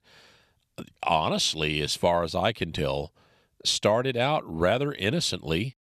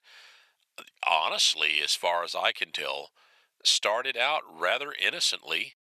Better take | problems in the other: first | thin; very; fading below 850 Hz

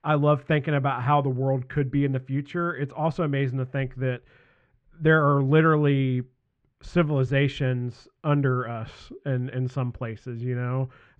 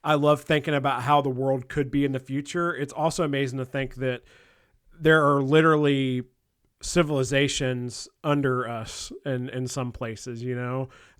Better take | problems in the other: second | muffled; very; fading above 2 kHz

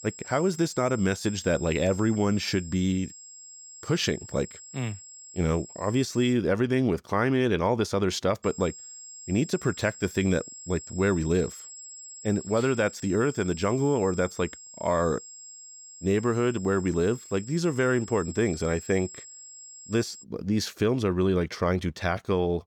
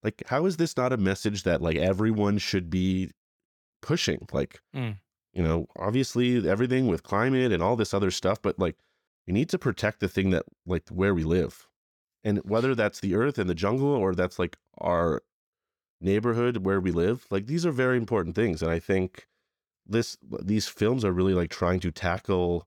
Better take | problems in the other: second | high-pitched whine; noticeable; until 6.5 s and from 8.5 to 20 s; 7.5 kHz, 15 dB below the speech

